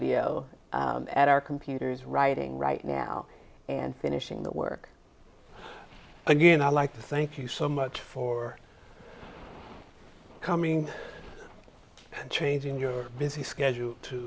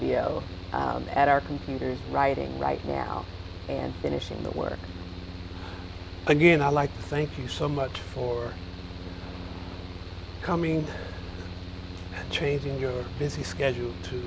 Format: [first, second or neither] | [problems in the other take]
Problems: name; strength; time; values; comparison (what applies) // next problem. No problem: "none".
first | background sound (Mechanical fan); 9 dB below the speech